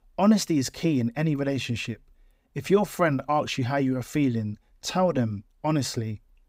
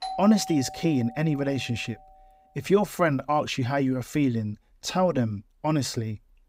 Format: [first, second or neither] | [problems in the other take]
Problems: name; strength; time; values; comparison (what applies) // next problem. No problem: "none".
first | doorbell; noticeable; until 2 s; peak 8 dB below the speech